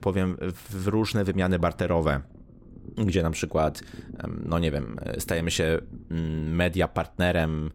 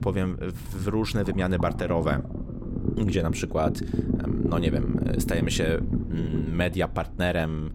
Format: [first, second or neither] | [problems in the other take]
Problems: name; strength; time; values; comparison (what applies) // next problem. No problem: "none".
first | low rumble; loud; throughout; 7 dB below the speech; faint in the first